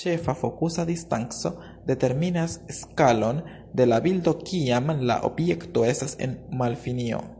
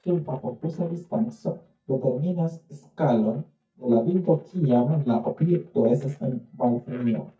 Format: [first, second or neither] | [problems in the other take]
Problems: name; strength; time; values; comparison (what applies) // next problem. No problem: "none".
first | noise reduction (neural mask model DeepFilterNet 3)